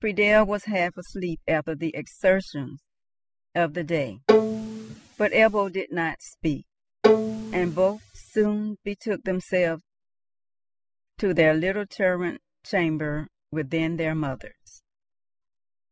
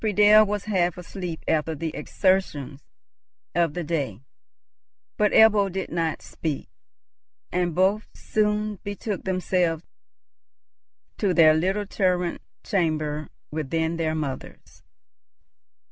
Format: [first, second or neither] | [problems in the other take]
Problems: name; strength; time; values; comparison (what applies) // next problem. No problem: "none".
second | noise reduction (classical method spectral subtraction)